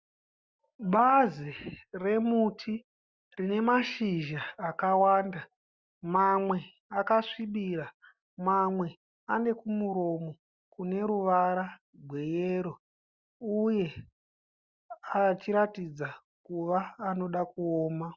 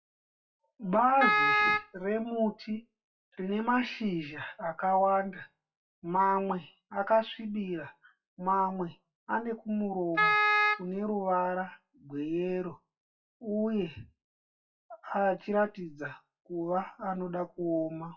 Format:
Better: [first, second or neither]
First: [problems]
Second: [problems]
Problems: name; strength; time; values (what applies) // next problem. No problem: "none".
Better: first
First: none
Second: noise reduction (classical method WPE with log-MMSE)